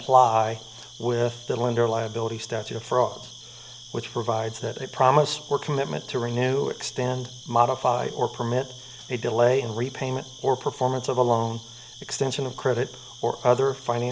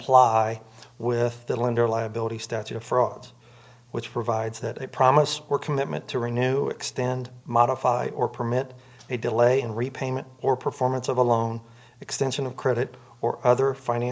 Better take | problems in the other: second | background sound (Cricket); 19 dB below the speech

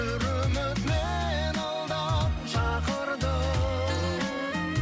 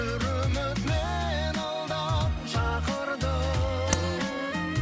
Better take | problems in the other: first | background sound (Tap); 5 dB below the speech

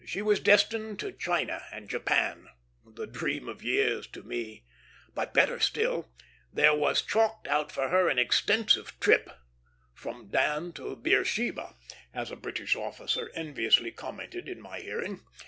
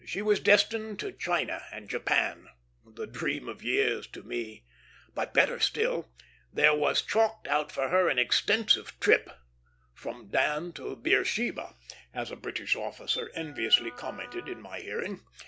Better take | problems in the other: first | background sound (Wind instrument, woodwind instrument); 18 dB below the speech

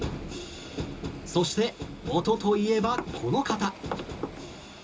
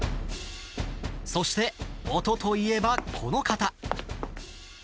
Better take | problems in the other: second | background sound (Waves, surf); 18 dB below the speech // room echo; dies away in 0.2 s

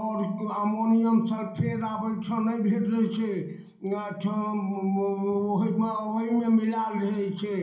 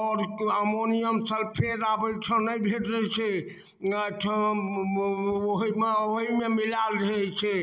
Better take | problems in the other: second | room echo; dies away in 0.6 s

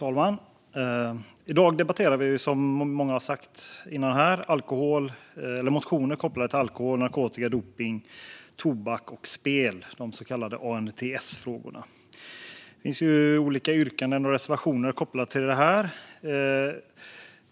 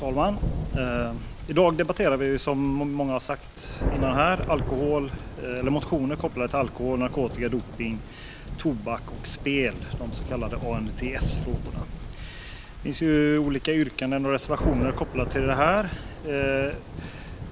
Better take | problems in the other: first | background sound (Thunder); 6 dB below the speech

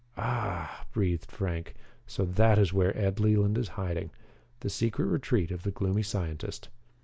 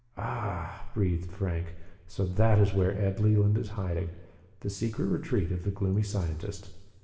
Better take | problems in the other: first | room echo; dies away in 1.1 s

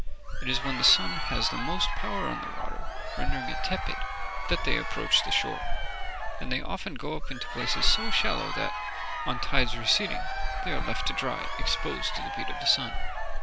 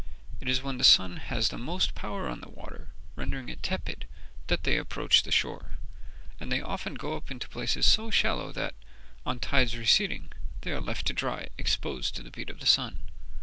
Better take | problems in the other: second | background sound (Crowd); 8 dB below the speech

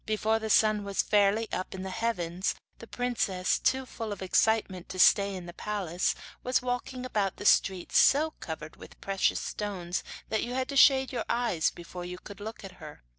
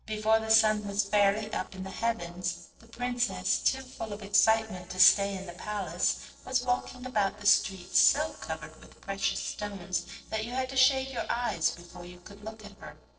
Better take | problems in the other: first | noise reduction (neural separator model SepFormer DNS4)

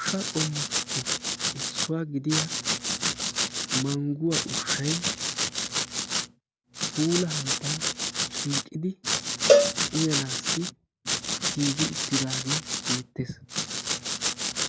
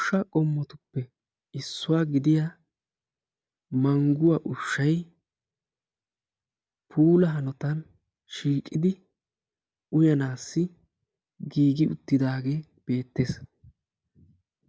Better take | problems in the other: second | background sound (Domestic sounds, home sounds + Cowbell); 4 dB above the speech

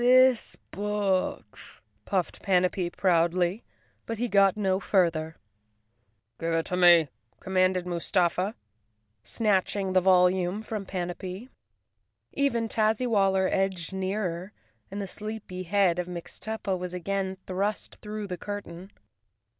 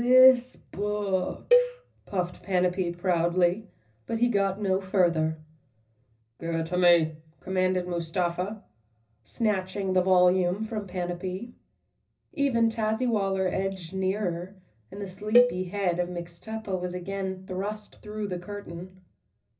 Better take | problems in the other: first | background sound (Cowbell); 2 dB below the speech // room echo; dies away in 0.4 s

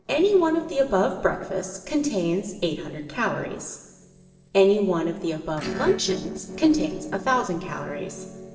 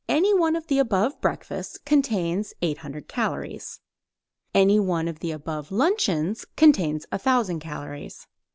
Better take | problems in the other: second | noise reduction (neural separator model SepFormer DNS4)

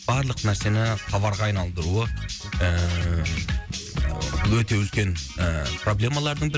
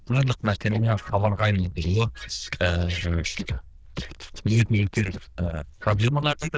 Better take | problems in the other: first | noise reduction (neural diffusion model UNIVERSE++)

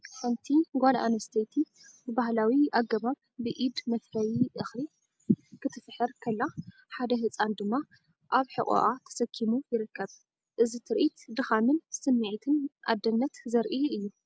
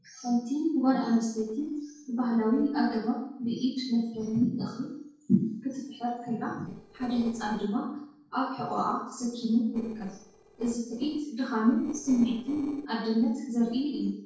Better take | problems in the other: first | noise reduction (neural separator model SepFormer DNS4)

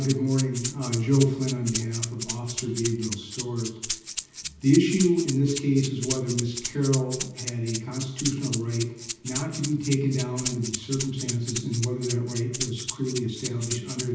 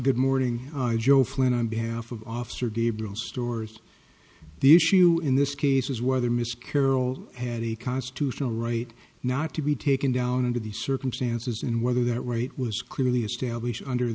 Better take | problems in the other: second | background sound (Rattle (instrument)); 8 dB below the speech // room echo; dies away in 0.8 s

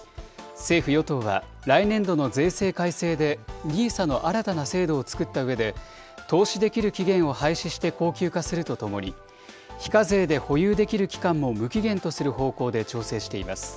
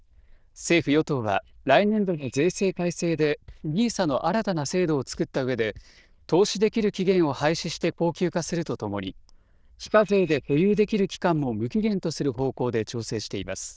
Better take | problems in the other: first | noise reduction (neural diffusion model UNIVERSE++)

